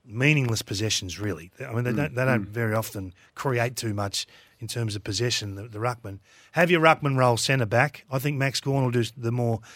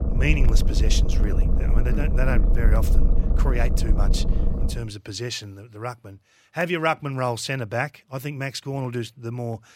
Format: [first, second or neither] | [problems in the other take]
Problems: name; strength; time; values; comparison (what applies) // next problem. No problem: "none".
first | low rumble; loud; until 5 s; 8 dB below the speech